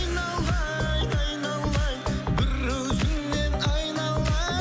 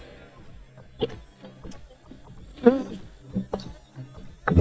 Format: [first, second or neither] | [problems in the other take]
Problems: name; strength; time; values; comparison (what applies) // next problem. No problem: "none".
first | noise reduction (neural mask model DeepFilterNet 3)